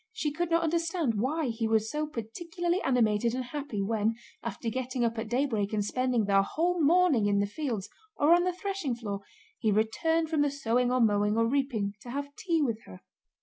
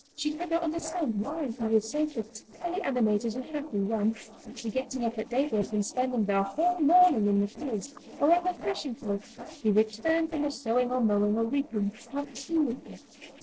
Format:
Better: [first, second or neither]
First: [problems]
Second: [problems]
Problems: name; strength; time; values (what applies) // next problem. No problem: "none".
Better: first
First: none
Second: noise reduction (neural separator model SepFormer DNS4)